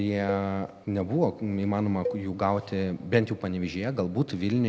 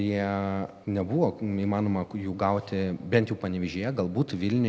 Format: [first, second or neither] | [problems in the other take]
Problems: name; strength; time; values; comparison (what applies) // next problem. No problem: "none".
second | background sound (Cowbell); 12 dB below the speech